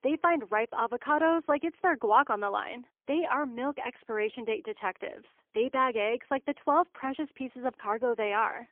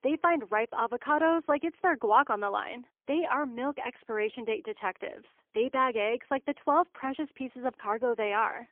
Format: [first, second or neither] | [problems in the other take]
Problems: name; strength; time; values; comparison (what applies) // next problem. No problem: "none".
neither | phone-call audio; poor line; nothing above 3.5 kHz; the same in both